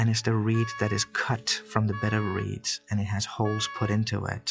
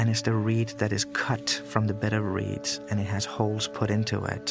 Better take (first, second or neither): second